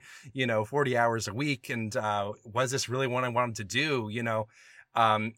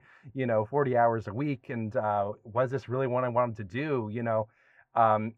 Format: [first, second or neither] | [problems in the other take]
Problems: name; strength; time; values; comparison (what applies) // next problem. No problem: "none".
first | muffled; very; fading above 3 kHz